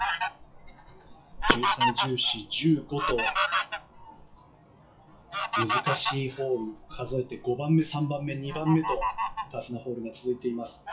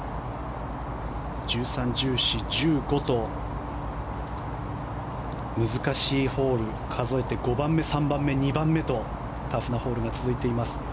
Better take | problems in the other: second | noise reduction (classical method WPE with log-MMSE)

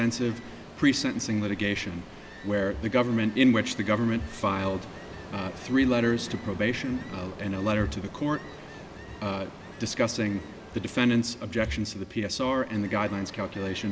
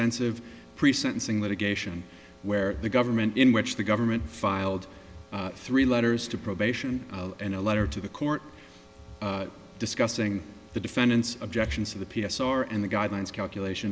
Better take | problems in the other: second | background sound (Ocean); 16 dB below the speech

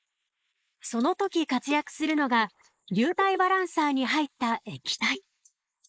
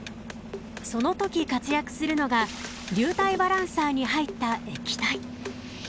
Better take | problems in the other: second | noise reduction (neural mask model Resemble Enhance denoiser)

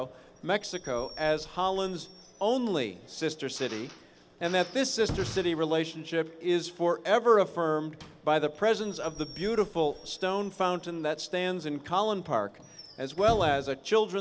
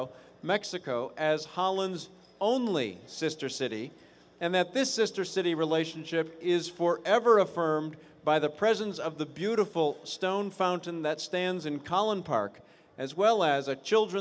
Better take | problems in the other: second | background sound (Squeak / Slam / Wood + Drill); 17 dB below the speech

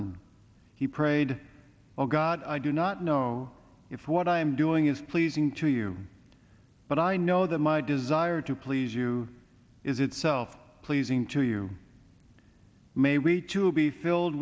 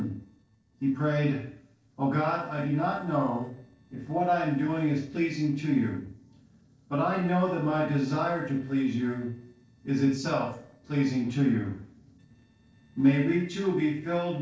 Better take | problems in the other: first | noise reduction (neural separator model SepFormer DNS4)

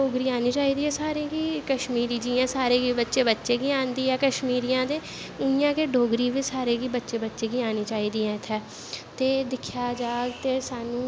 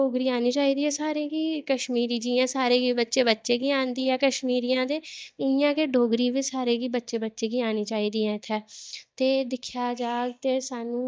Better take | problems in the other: first | noise reduction (neural mask model DeepFilterNet 3)

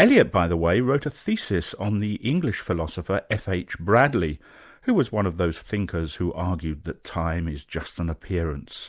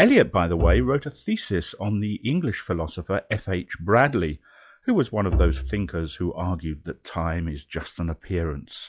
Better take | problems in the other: first | noise reduction (classical method log-MMSE)

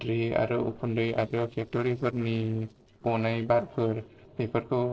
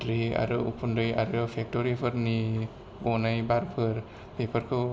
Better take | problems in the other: second | noise reduction (neural separator model SepFormer DNS4)

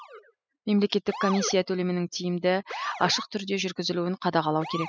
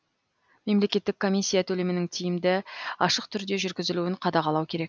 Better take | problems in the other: second | noise reduction (classical method spectral subtraction)

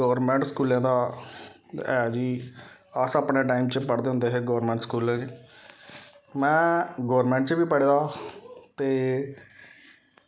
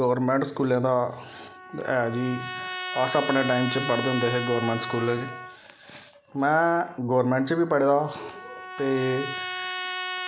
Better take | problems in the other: first | background sound (Trumpet); 9 dB below the speech

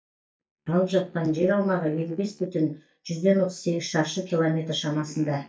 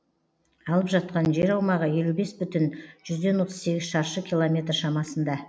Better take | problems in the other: second | noise reduction (neural mask model DeepFilterNet 3)

